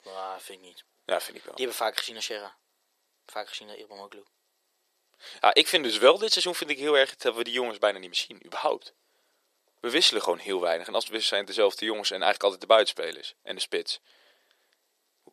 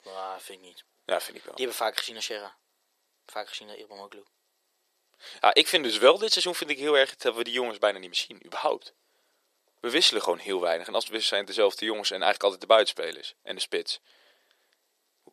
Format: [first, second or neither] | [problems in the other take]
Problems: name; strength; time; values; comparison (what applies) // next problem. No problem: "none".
neither | thin; very; fading below 350 Hz; the same in both